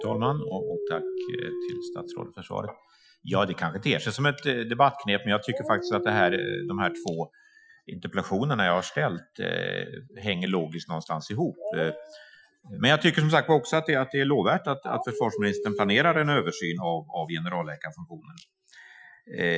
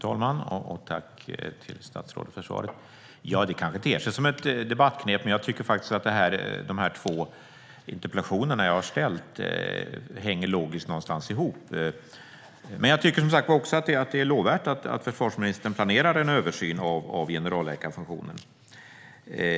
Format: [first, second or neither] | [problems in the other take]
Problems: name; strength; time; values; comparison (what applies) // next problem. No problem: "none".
second | noise reduction (classical method Wiener filter)